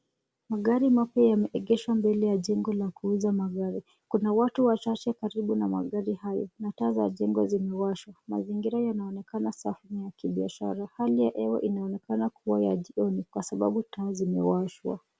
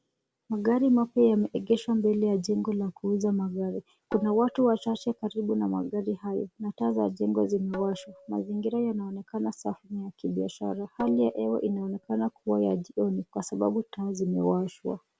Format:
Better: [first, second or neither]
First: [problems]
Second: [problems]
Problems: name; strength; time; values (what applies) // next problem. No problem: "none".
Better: first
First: none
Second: background sound (Tabla); 18 dB below the speech